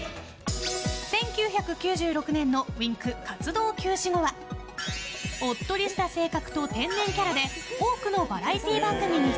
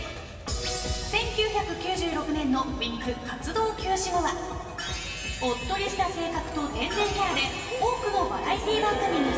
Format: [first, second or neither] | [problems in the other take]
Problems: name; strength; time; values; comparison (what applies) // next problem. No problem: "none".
first | room echo; dies away in 2.6 s